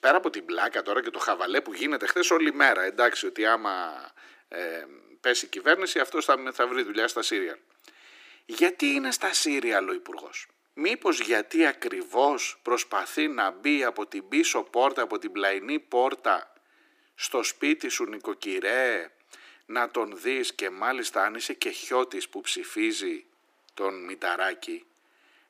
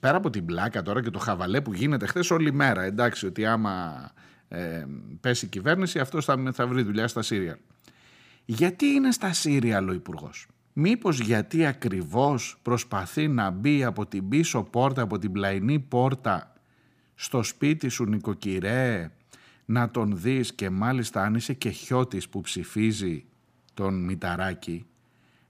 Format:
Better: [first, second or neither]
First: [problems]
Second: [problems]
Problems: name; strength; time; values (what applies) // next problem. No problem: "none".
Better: second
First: thin; somewhat; fading below 300 Hz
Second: none